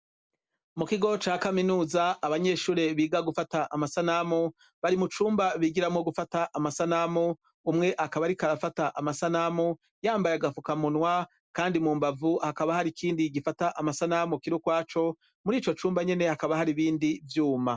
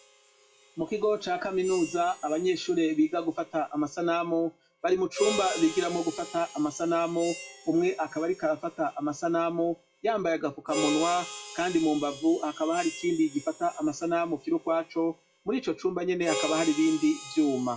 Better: first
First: none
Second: noise reduction (classical method WPE with log-MMSE)

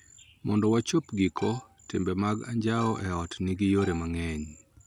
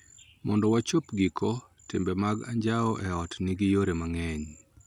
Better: second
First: background sound (Bowed string instrument); 19 dB below the speech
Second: none

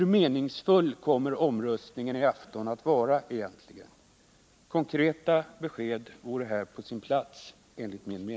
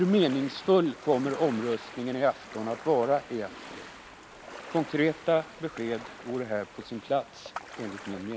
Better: first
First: none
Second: background sound (Ocean); 15 dB below the speech

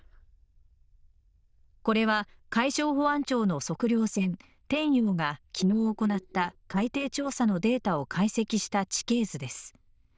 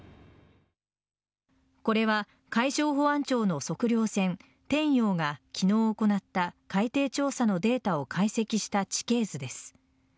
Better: second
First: noise reduction (neural diffusion model UNIVERSE++)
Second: none

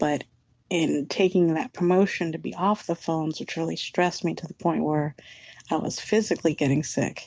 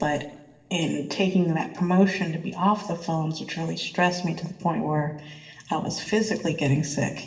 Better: first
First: none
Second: room echo; dies away in 0.9 s

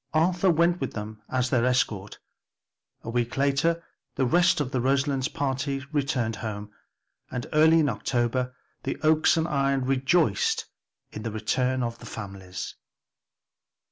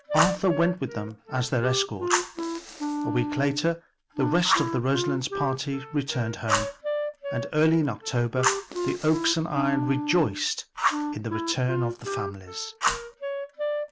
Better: first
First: none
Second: background sound (Fire + Wind instrument, woodwind instrument); 2 dB below the speech

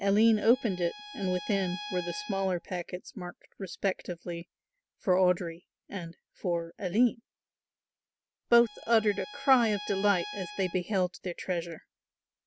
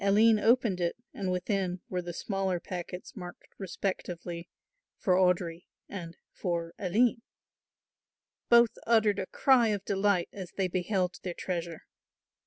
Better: second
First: background sound (Bowed string instrument); 13 dB below the speech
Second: none

